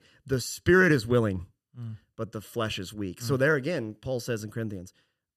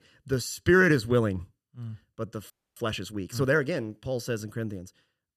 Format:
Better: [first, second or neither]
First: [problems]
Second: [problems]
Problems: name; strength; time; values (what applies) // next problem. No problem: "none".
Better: first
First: none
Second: audio freezing; at 2.5 s